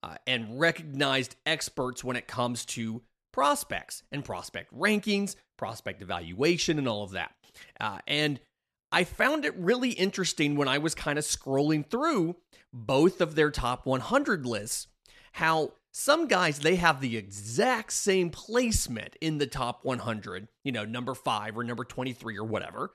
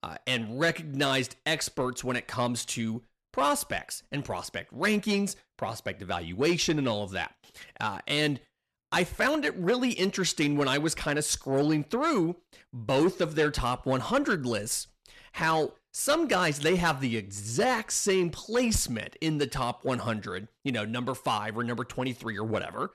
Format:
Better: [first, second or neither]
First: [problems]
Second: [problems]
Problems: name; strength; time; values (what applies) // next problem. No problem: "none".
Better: first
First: none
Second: distortion; slight; 10 dB below the speech